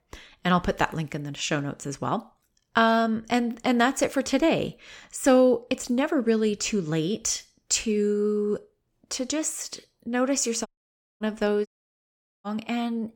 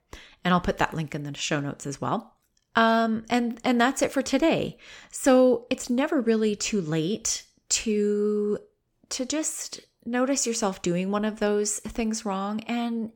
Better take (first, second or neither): second